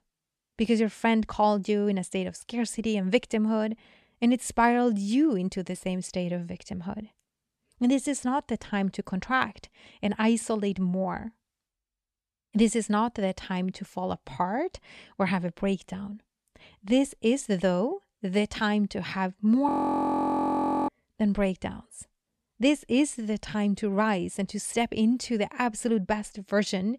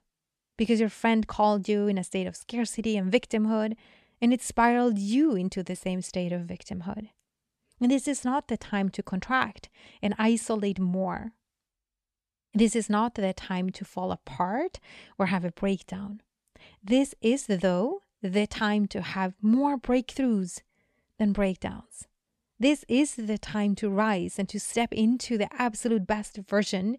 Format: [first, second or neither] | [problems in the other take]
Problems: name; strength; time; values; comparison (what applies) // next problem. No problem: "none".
second | audio freezing; at 20 s for 1 s